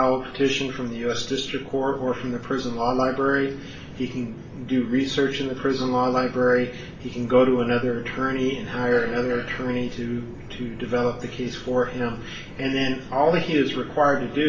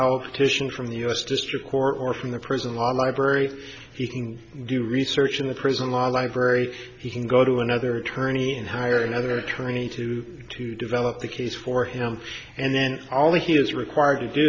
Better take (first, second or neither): second